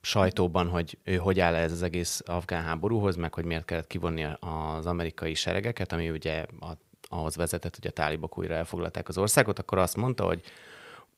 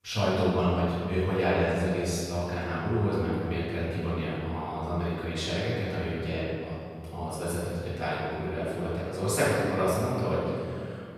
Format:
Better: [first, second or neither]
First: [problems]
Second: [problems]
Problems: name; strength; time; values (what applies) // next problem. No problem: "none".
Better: first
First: none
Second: off-mic speech; far // room echo; strong; dies away in 2.2 s